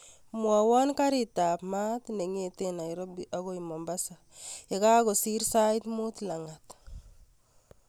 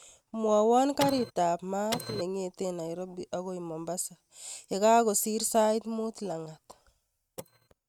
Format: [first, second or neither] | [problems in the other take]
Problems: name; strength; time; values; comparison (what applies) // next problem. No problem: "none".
first | noise reduction (neural mask model RNNoise)